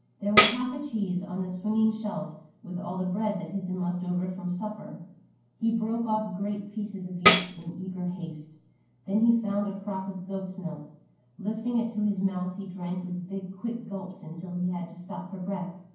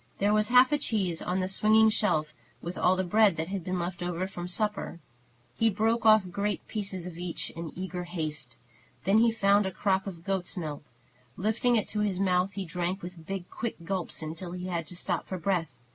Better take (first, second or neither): second